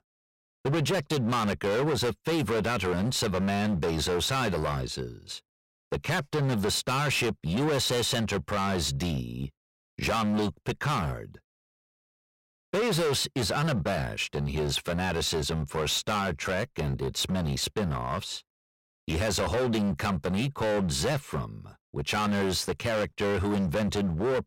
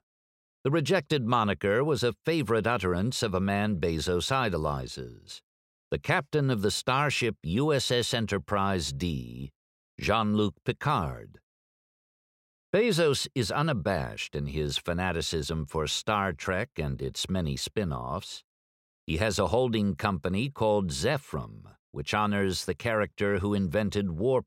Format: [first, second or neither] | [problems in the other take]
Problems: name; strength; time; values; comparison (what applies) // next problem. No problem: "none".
second | distortion; heavy; 21% of the sound clipped